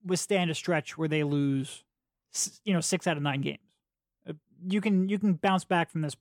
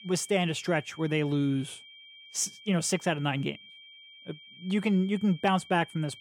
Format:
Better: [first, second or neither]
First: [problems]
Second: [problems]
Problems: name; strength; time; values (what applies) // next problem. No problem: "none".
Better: first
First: none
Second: high-pitched whine; noticeable; throughout; 3 kHz, 20 dB below the speech